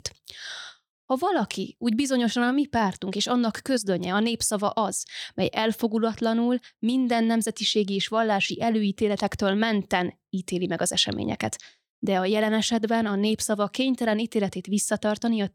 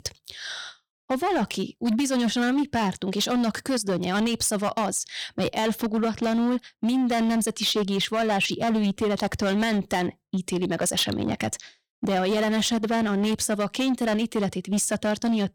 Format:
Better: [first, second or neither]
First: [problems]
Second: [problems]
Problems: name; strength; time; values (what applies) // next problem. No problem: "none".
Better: first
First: none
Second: distortion; slight; 17% of the sound clipped